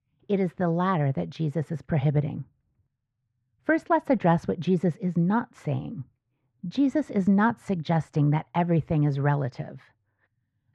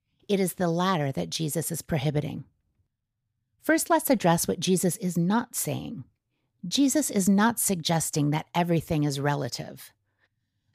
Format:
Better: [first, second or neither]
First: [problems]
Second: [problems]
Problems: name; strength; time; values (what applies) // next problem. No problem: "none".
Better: second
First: muffled; very; fading above 1.5 kHz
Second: none